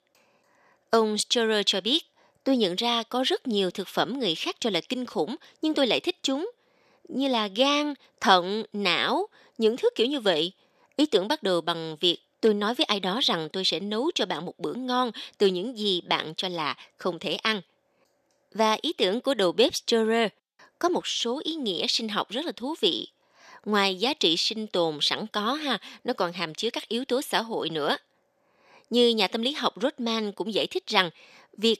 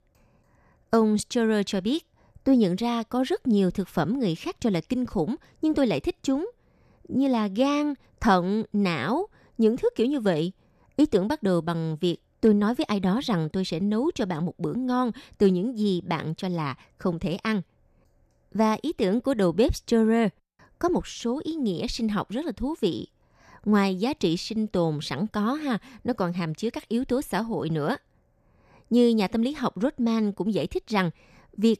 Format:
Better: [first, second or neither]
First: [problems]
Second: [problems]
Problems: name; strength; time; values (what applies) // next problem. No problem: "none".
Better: second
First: thin; somewhat; fading below 350 Hz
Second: none